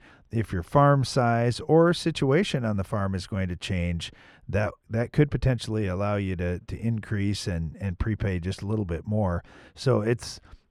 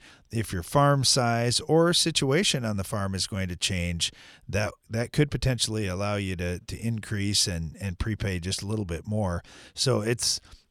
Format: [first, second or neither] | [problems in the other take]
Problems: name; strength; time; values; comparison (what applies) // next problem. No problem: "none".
second | muffled; slightly; fading above 3 kHz